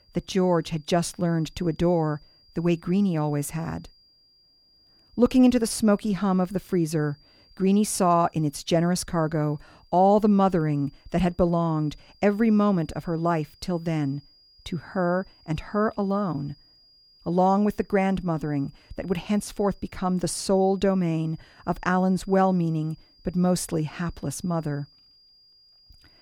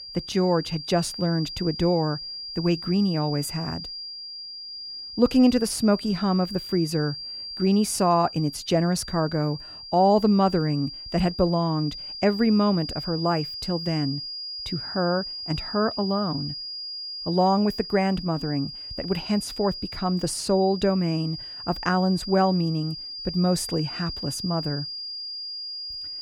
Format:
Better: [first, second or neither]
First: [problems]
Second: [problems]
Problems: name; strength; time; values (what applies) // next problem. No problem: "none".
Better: first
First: high-pitched whine; faint; throughout; 5 kHz, 30 dB below the speech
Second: high-pitched whine; loud; throughout; 5 kHz, 9 dB below the speech